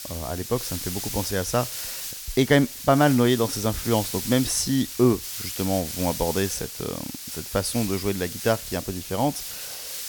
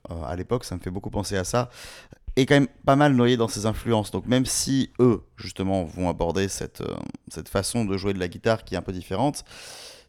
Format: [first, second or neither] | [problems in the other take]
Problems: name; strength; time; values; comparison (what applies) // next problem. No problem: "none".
second | hiss; loud; throughout; 7 dB below the speech